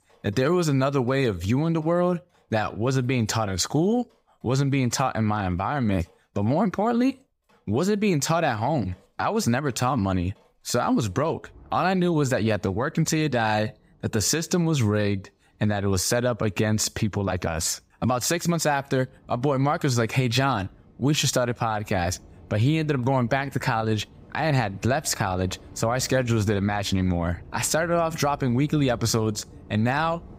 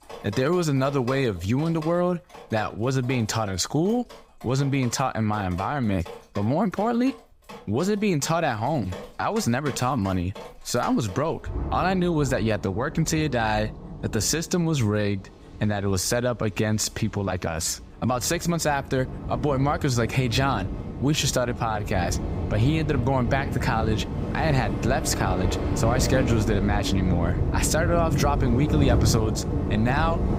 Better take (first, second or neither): first